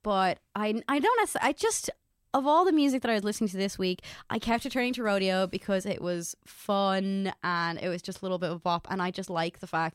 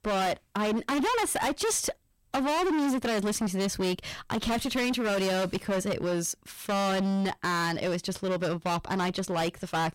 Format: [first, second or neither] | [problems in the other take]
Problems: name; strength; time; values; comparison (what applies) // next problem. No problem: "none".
first | distortion; heavy; 29% of the sound clipped